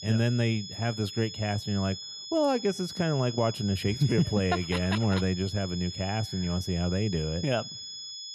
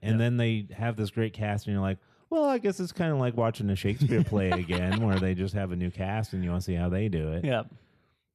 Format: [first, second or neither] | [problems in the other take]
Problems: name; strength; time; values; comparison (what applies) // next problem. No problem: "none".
second | high-pitched whine; loud; throughout; 5 kHz, 9 dB below the speech